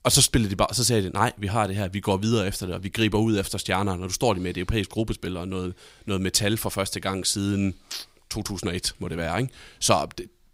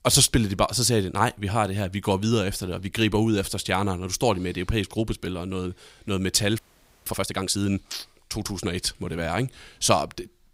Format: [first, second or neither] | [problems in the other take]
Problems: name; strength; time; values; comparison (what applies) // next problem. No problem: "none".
first | audio freezing; at 6.5 s